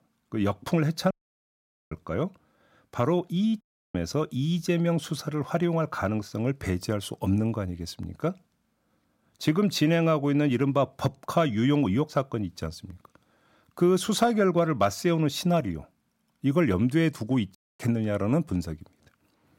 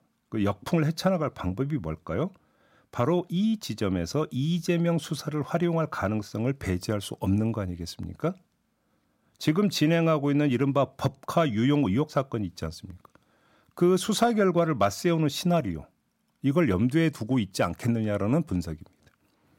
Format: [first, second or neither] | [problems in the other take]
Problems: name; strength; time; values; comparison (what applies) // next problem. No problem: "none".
second | audio cutting out; at 1 s for 1 s, at 3.5 s and at 18 s